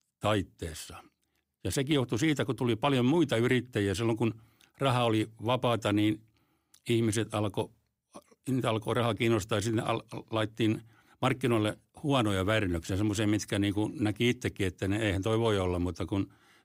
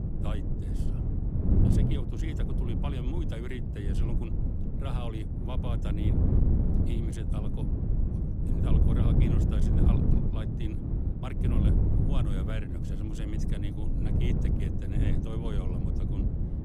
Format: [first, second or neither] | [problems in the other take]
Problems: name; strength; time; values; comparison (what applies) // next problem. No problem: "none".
first | wind noise on the microphone; heavy; 4 dB above the speech